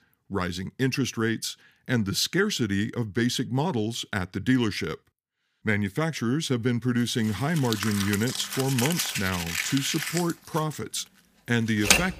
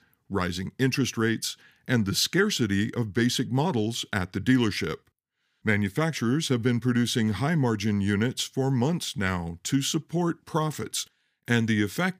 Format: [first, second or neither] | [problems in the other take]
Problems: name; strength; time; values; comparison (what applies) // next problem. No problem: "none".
second | household noises; loud; from 7.5 s on; 1 dB below the speech